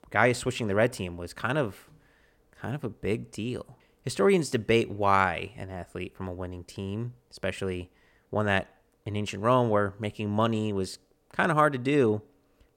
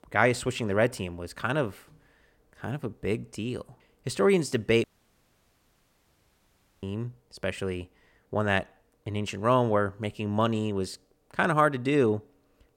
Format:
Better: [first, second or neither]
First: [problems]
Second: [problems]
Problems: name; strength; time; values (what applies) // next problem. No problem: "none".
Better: first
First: none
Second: audio cutting out; at 5 s for 2 s